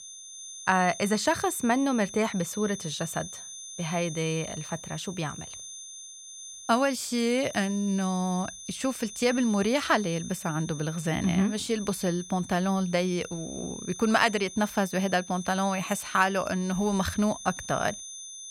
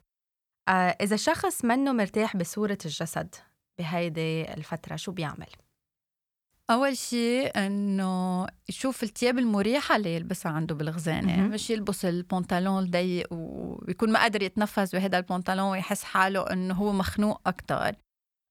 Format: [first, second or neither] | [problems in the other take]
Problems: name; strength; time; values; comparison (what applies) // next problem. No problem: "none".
second | high-pitched whine; noticeable; throughout; 6.5 kHz, 10 dB below the speech